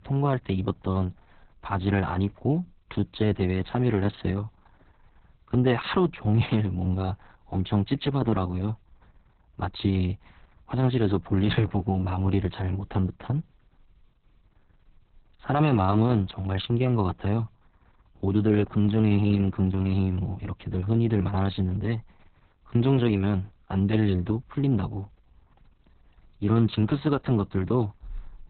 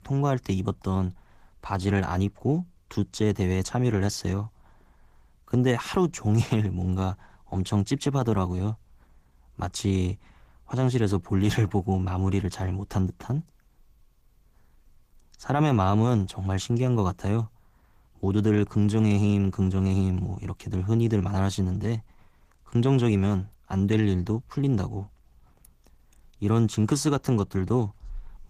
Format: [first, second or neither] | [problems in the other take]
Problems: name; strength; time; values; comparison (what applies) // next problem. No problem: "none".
second | garbled, watery; badly; nothing above 4 kHz; slightly in the second